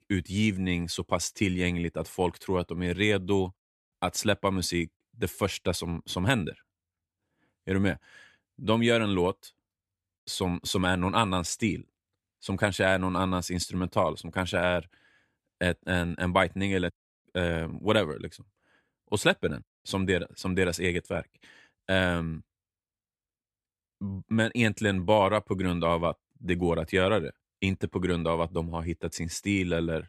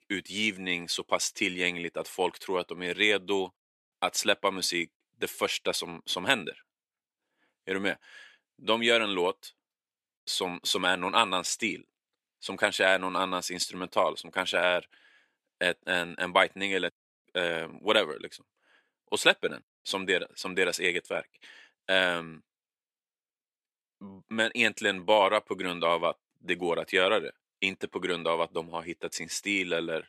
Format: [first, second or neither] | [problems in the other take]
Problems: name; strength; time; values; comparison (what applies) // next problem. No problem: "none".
first | thin; somewhat; fading below 350 Hz